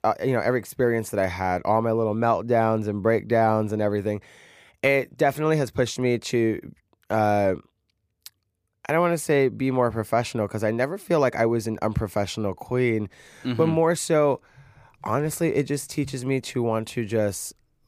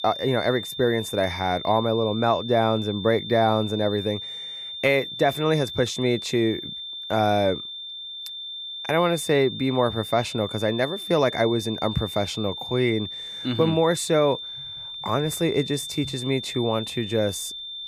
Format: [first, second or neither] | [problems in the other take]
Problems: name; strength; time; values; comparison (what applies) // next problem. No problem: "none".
first | high-pitched whine; loud; throughout; 3.5 kHz, 9 dB below the speech